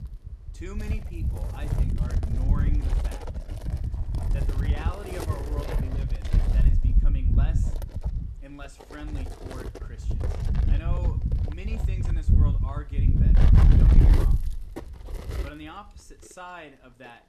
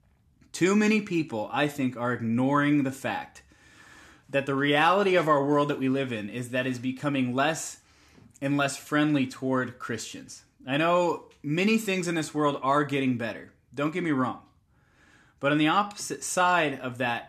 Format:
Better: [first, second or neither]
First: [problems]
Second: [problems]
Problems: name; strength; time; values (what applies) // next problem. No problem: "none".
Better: second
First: wind noise on the microphone; heavy; 3 dB above the speech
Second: none